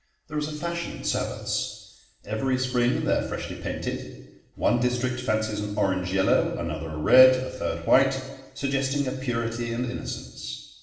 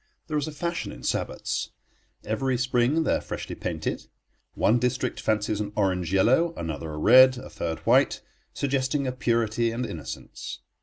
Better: second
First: room echo; dies away in 1 s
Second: none

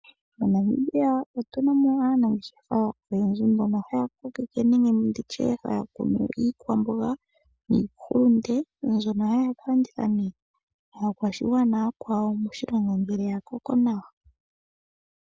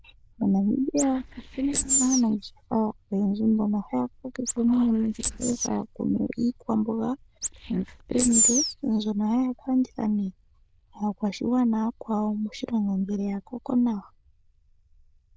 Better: first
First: none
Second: noise reduction (neural diffusion model UNIVERSE++)

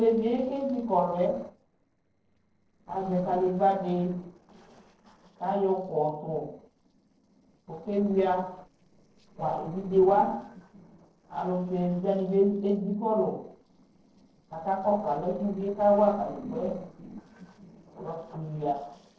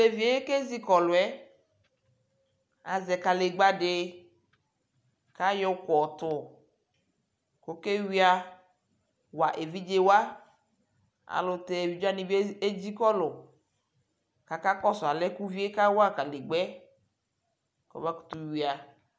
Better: second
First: noise reduction (neural separator model SepFormer DNS4)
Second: none

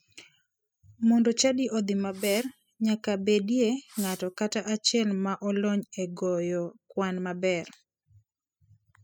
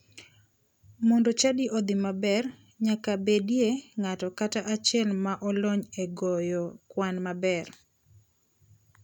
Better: second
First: noise reduction (classical method spectral subtraction)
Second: none

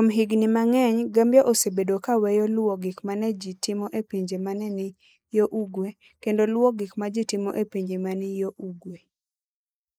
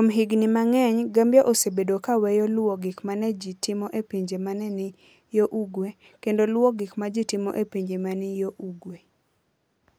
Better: second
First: noise reduction (neural mask model Resemble Enhance denoiser)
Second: none

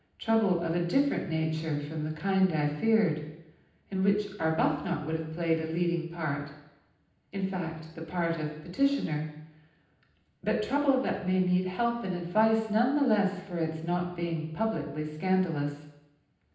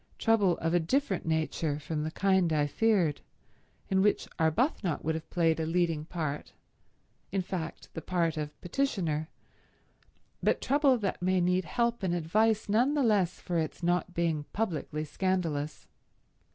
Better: second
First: room echo; dies away in 0.9 s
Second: none

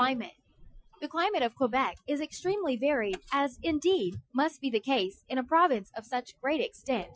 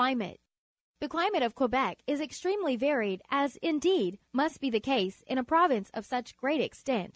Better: second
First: noise reduction (classical method Wiener filter)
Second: none

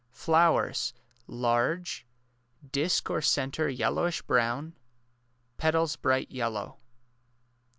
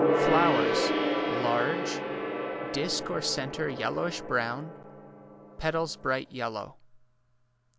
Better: first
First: none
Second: background sound (Gong); 1 dB above the speech

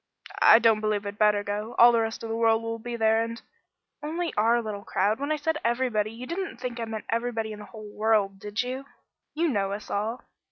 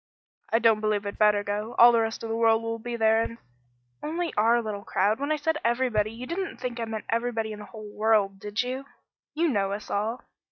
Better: first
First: none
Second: noise reduction (neural mask model DeepFilterNet 3)

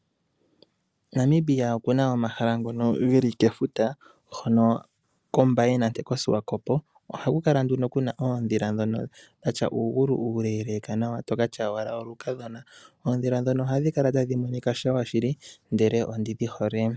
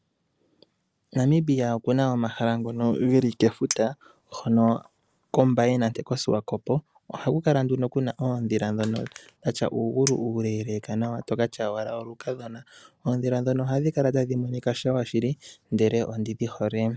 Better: first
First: none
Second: background sound (Crushing + Chink, clink); 16 dB below the speech

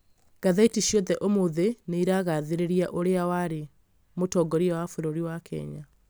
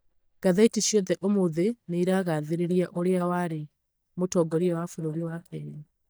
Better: first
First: none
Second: noise reduction (neural mask model DeepFilterNet 3)

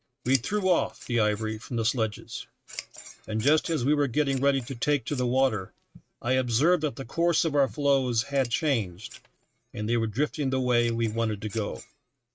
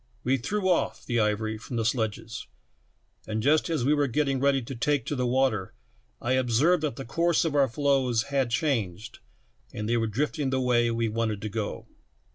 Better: second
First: noise reduction (neural mask model RNNoise)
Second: none

